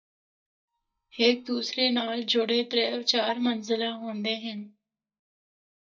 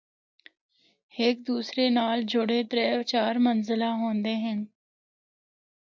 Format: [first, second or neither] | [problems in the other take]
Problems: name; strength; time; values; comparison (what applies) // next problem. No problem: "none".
second | noise reduction (neural mask model DeepFilterNet 3)